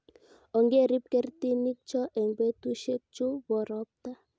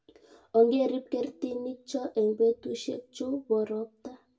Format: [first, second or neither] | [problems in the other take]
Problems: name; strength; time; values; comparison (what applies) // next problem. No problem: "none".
first | room echo; dies away in 0.2 s